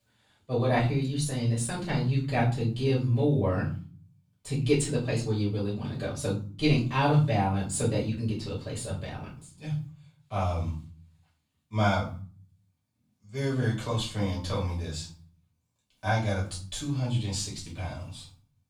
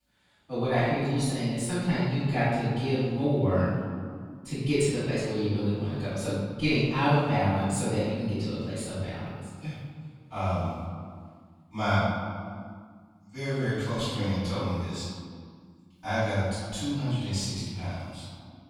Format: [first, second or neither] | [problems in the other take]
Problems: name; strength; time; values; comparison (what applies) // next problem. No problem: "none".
first | room echo; strong; dies away in 1.9 s; slight in the first // off-mic speech; far; far in the first